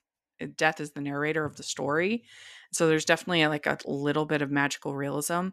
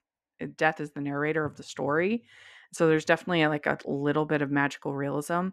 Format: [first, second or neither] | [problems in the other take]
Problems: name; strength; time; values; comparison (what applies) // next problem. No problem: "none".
first | muffled; slightly; fading above 3 kHz